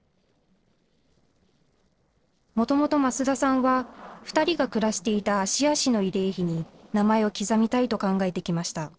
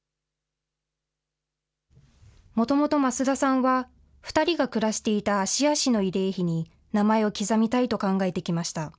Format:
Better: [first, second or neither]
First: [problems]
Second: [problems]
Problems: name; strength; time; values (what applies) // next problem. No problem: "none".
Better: second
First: noise reduction (neural separator model SepFormer DNS4)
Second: none